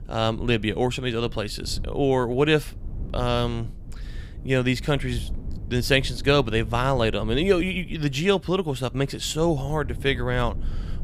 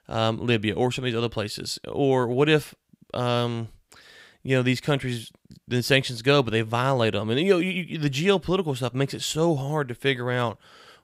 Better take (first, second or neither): second